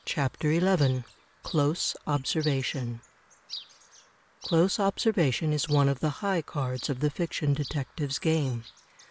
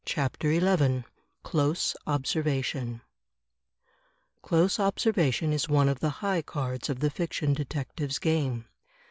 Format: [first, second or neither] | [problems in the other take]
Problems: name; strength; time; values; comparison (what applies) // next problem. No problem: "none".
second | background sound (Chirp, tweet); 19 dB below the speech